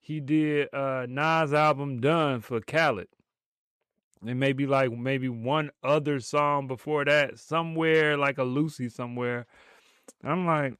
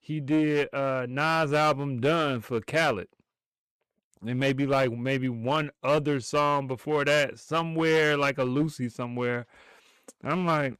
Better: first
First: none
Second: distortion; slight; 8% of the sound clipped

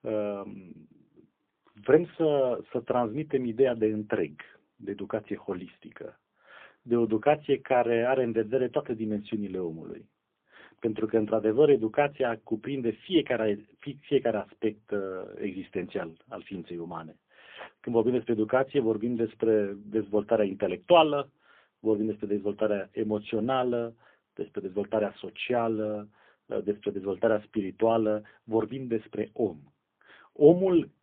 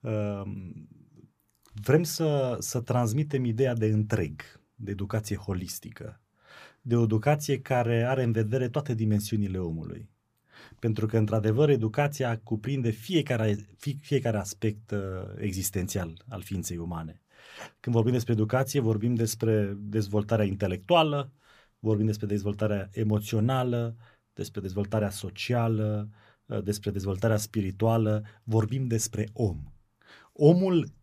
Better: second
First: phone-call audio; poor line; nothing above 3.5 kHz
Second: none

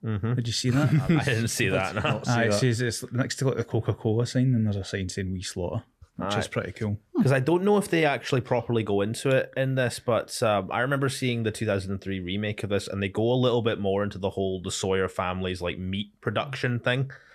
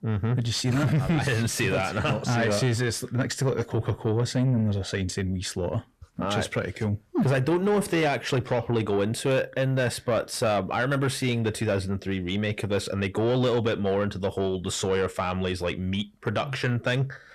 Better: first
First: none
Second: distortion; slight; 10 dB below the speech

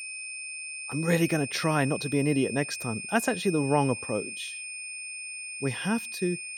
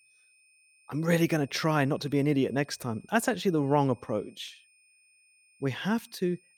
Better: second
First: high-pitched whine; loud; throughout; 2.5 kHz, 7 dB below the speech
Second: high-pitched whine; faint; throughout; 2.5 kHz, 30 dB below the speech

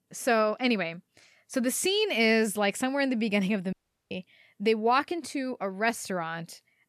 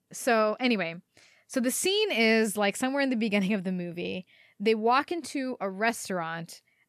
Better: second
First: audio cutting out; at 3.5 s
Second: none

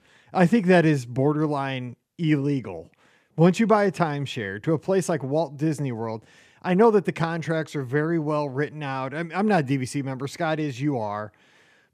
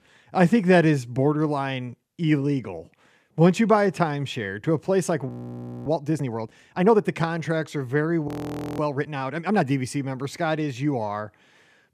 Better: first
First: none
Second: audio freezing; at 5.5 s for 0.5 s and at 8.5 s for 0.5 s

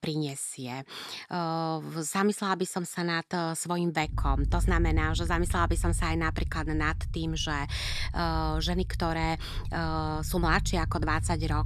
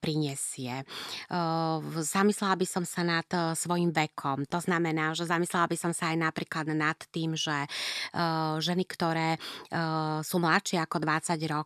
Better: second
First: low rumble; noticeable; from 4 s on; 20 dB below the speech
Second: none

